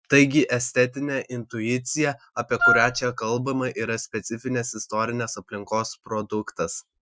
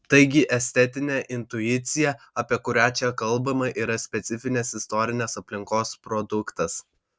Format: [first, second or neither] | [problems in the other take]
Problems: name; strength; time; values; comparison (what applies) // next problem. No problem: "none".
second | noise reduction (classical method Wiener filter)